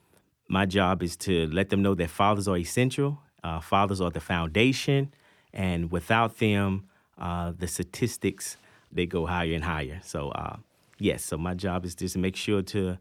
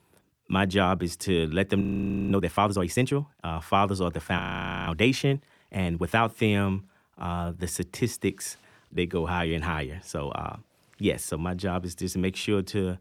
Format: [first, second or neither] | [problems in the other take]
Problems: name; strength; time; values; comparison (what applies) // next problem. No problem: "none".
first | audio freezing; at 2 s and at 4.5 s